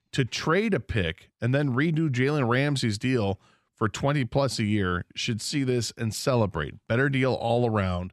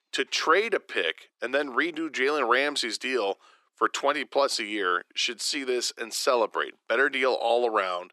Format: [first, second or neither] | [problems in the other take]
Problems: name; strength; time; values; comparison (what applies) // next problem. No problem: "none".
first | thin; very; fading below 350 Hz